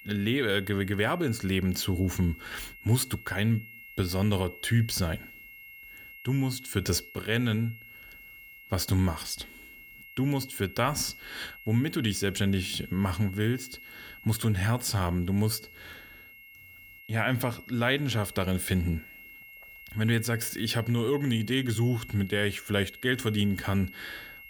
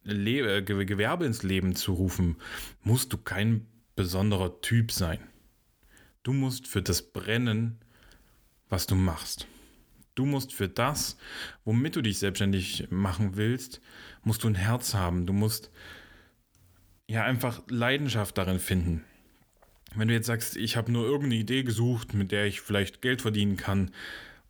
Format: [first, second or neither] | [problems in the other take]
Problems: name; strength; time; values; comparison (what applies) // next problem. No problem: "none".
second | high-pitched whine; noticeable; throughout; 2 kHz, 15 dB below the speech